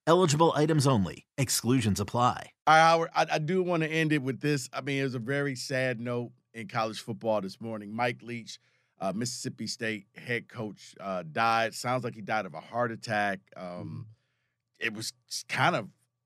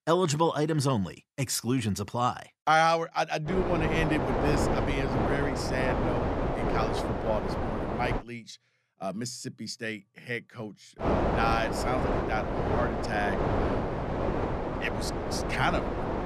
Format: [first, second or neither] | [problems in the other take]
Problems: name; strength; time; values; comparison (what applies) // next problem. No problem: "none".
first | wind noise on the microphone; heavy; from 3.5 to 8 s and from 11 s on; 1 dB below the speech